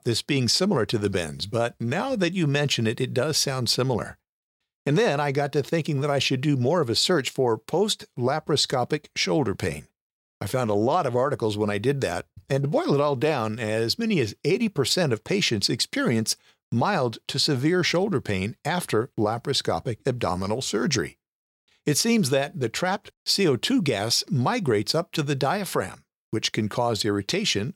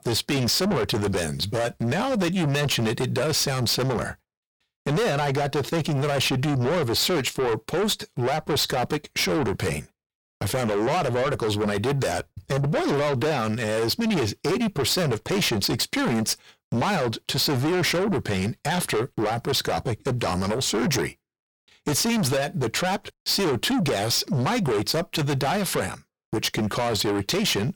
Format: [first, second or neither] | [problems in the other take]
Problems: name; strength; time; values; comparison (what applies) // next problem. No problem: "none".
first | distortion; heavy; 6 dB below the speech